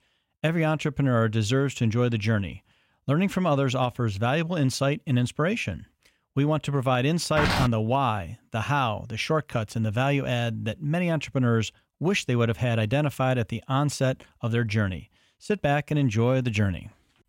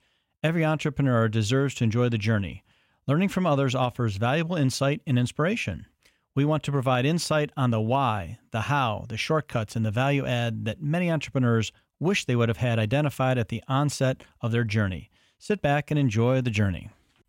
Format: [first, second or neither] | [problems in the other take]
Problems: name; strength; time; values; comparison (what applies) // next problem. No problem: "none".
second | footsteps; loud; at 7.5 s; peak 1 dB above the speech